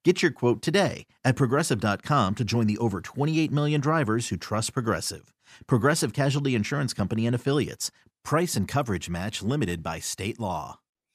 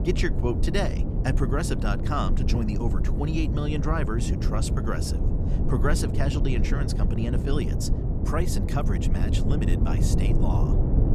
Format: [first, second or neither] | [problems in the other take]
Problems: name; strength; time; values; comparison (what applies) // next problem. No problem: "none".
first | low rumble; loud; throughout; 4 dB below the speech